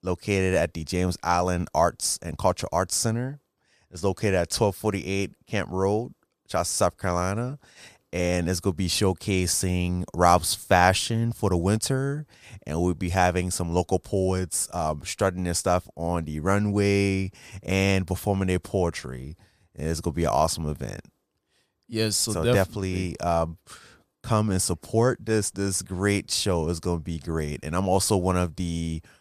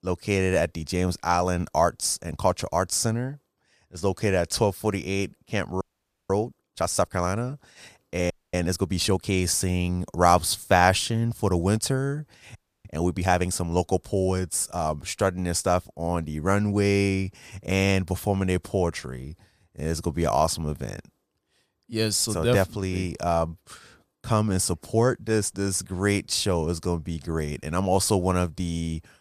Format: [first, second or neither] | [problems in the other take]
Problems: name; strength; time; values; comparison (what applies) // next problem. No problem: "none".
first | audio freezing; at 6 s, at 8.5 s and at 13 s